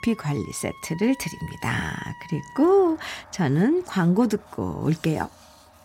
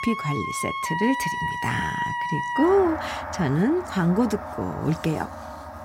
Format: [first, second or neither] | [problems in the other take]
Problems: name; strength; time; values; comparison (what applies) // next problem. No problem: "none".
first | background music; loud; throughout; 4 dB below the speech; faint in the first